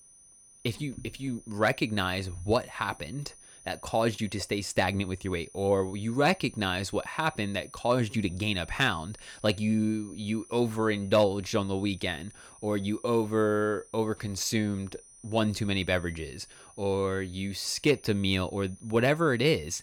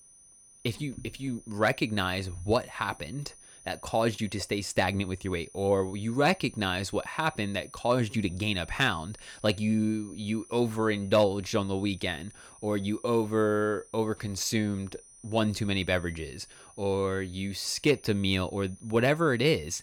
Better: neither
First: high-pitched whine; faint; throughout; 9.5 kHz, 20 dB below the speech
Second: high-pitched whine; faint; throughout; 9.5 kHz, 20 dB below the speech

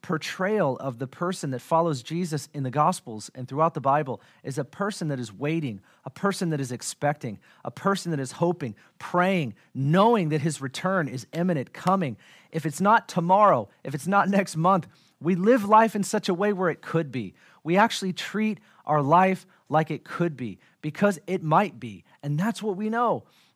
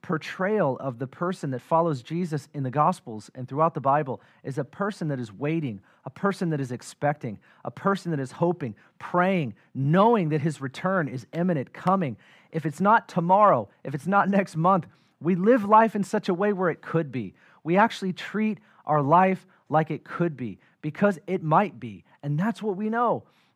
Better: first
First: none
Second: muffled; slightly; fading above 3.5 kHz

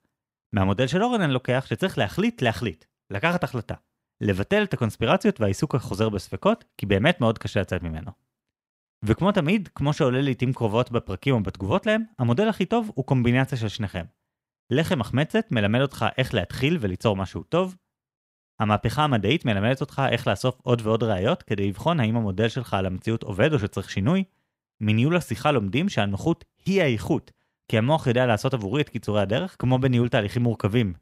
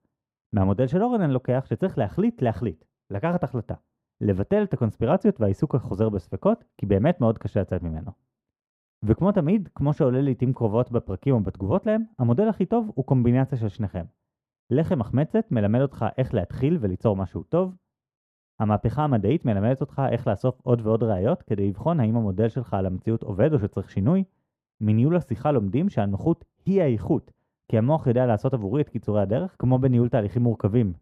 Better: first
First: none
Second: muffled; very; fading above 1.5 kHz

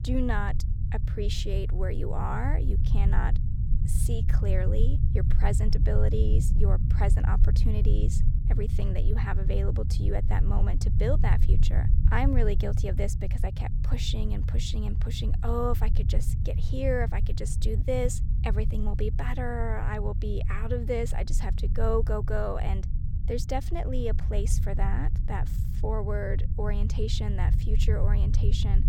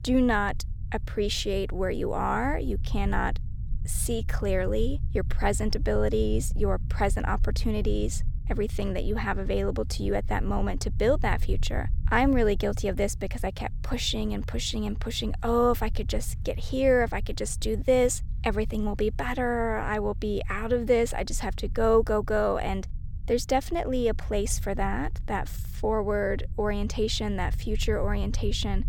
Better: second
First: low rumble; loud; throughout; 9 dB below the speech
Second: low rumble; faint; throughout; 25 dB below the speech

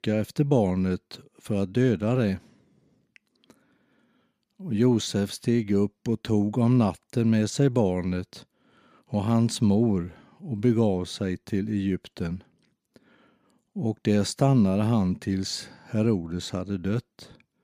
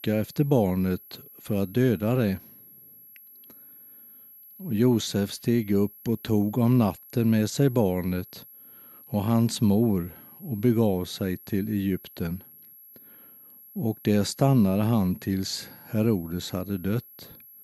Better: first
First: none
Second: high-pitched whine; faint; throughout; 11.5 kHz, 20 dB below the speech

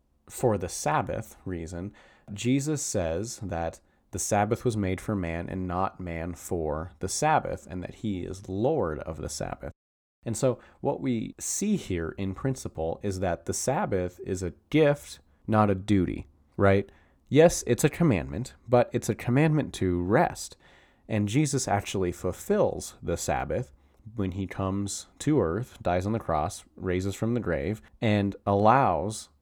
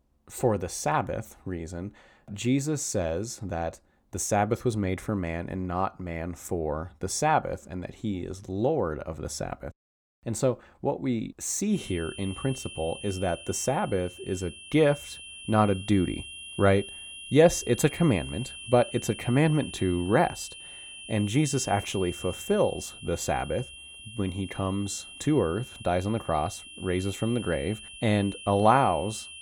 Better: first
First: none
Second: high-pitched whine; noticeable; from 12 s on; 3 kHz, 15 dB below the speech

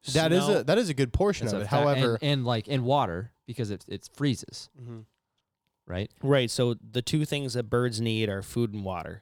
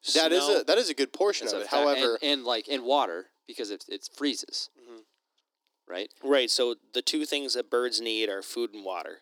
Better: first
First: none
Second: thin; somewhat; fading below 300 Hz

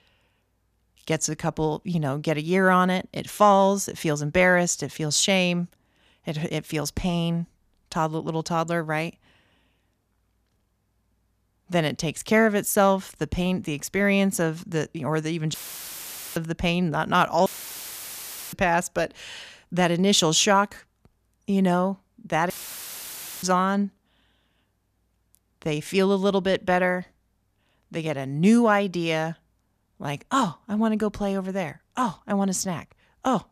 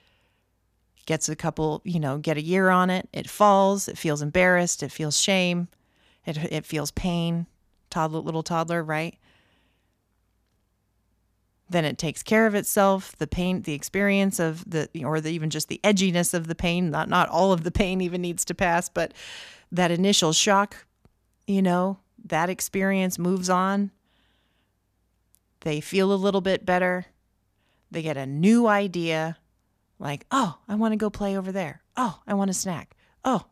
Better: second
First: audio cutting out; filled with static; at 16 s for 1 s, at 17 s for 1 s and at 23 s for 1 s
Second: none

